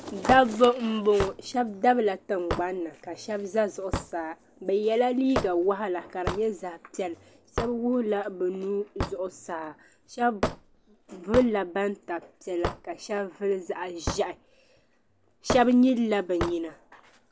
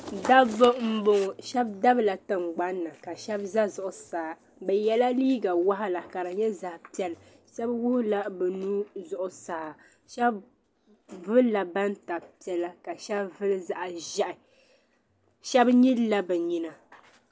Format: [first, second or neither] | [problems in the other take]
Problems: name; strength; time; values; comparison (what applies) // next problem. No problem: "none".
second | background sound (Hammer / Wood); 10 dB below the speech